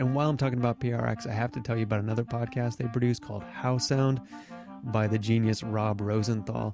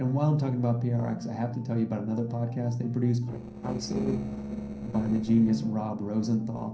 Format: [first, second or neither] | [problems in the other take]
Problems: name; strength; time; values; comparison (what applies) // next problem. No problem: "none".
first | noise reduction (neural separator model SepFormer DNS4)